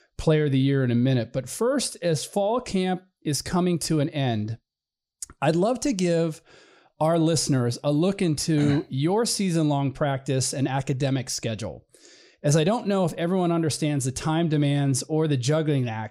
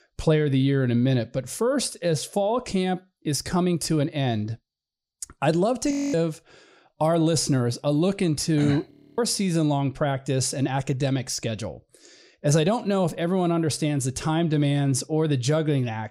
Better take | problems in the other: first | audio freezing; at 6 s and at 9 s

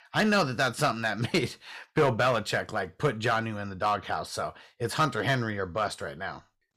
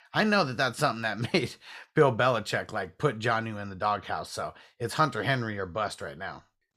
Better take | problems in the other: second | distortion; slight; 3% of the sound clipped

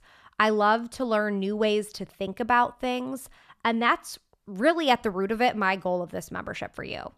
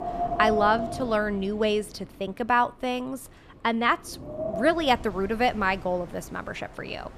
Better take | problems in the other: first | wind in the background; loud; throughout; 7 dB below the speech

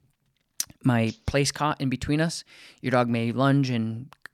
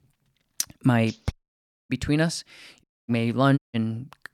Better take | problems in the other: first | audio cutting out; at 1.5 s for 0.5 s, at 3 s and at 3.5 s

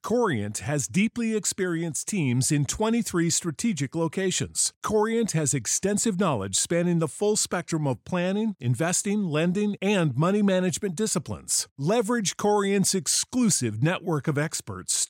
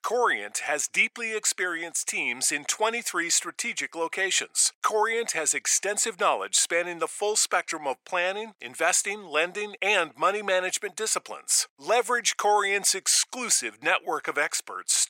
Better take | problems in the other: first | thin; very; fading below 500 Hz

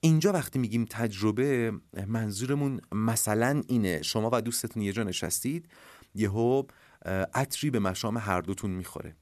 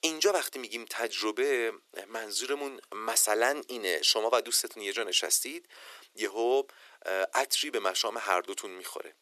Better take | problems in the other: first | thin; very; fading below 350 Hz

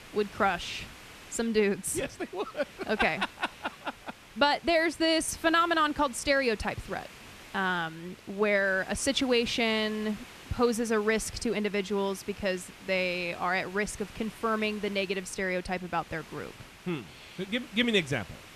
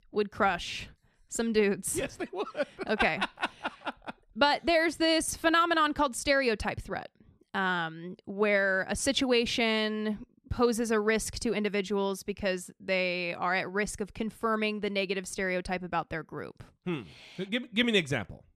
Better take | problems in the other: second | hiss; noticeable; throughout; 20 dB below the speech

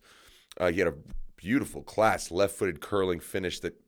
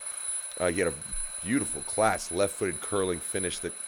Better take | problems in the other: first | alarm; noticeable; peak 1 dB below the speech

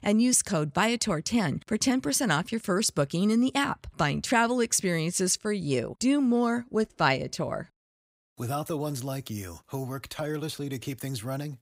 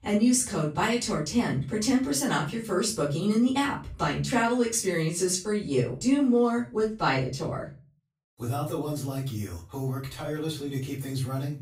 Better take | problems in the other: first | off-mic speech; far // room echo; slight; dies away in 0.3 s

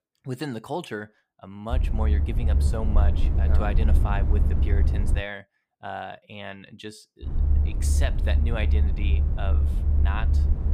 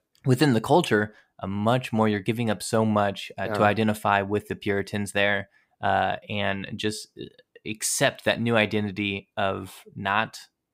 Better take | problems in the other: second | low rumble; loud; from 1.5 to 5 s and from 7.5 s on; 5 dB below the speech

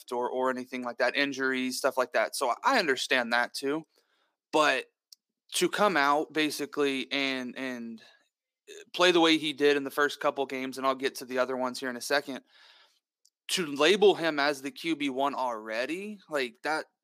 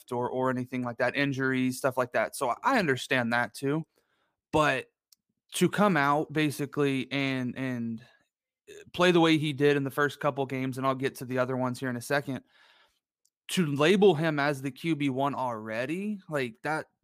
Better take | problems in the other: second | thin; very slightly; fading below 300 Hz

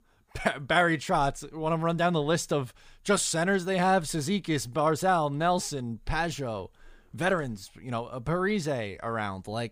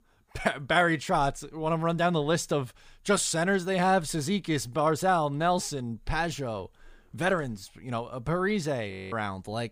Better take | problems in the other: first | audio freezing; at 9 s

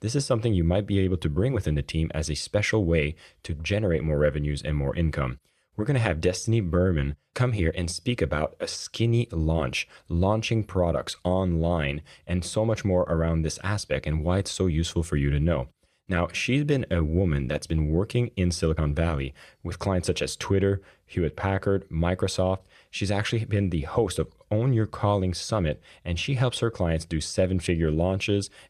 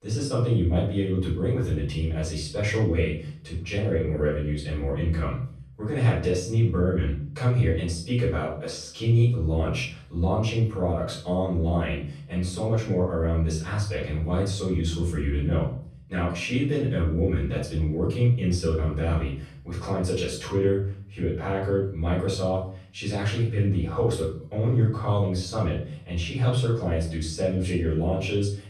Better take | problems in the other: first | off-mic speech; far // room echo; noticeable; dies away in 0.5 s

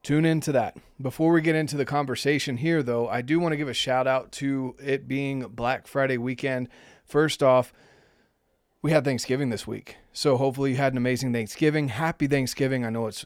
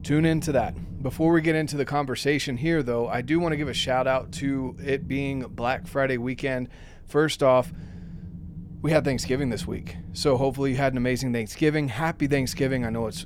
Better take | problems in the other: first | low rumble; faint; throughout; 25 dB below the speech

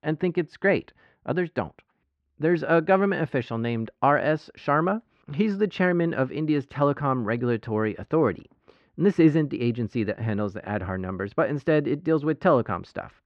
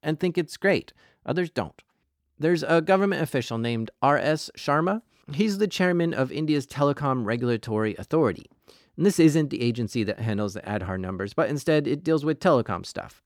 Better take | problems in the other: second | muffled; slightly; fading above 2 kHz

